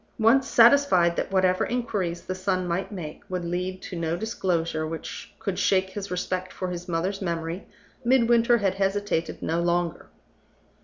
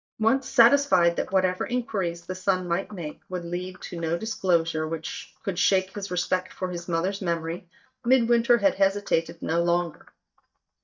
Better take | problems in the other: first | noise reduction (neural mask model DeepFilterNet 3)

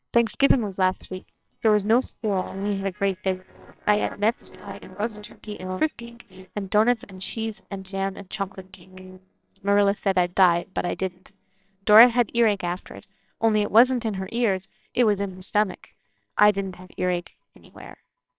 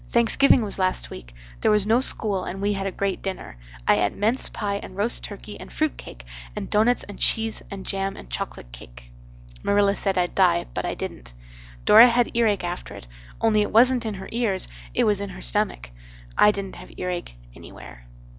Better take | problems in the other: second | noise reduction (neural separator model SepFormer WHAMR!)

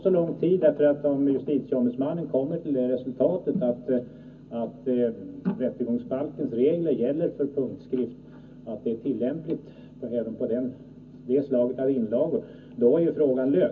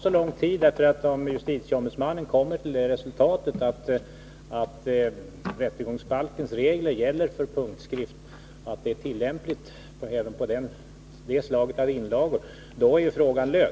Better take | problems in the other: second | room echo; dies away in 0.4 s

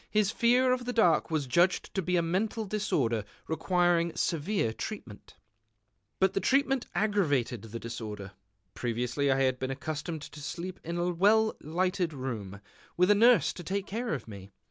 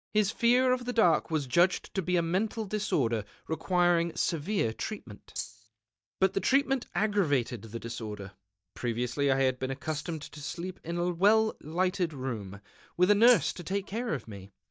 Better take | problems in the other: first | noise reduction (neural mask model DeepFilterNet 3)

